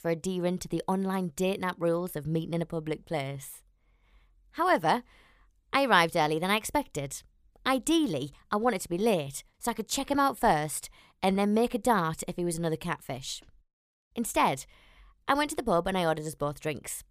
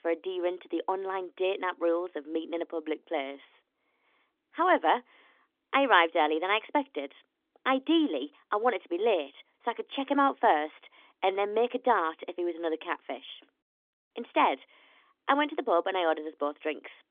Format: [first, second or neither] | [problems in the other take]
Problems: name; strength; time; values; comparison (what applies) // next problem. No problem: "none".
first | phone-call audio; nothing above 3.5 kHz